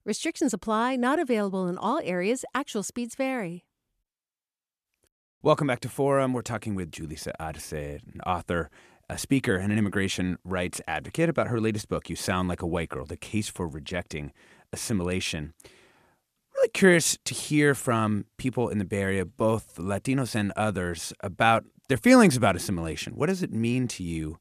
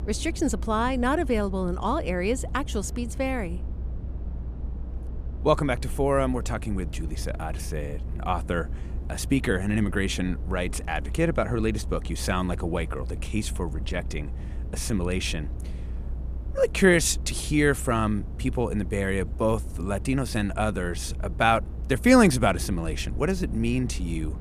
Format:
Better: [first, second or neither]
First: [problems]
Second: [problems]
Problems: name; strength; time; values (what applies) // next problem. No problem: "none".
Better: first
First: none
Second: low rumble; faint; throughout; 20 dB below the speech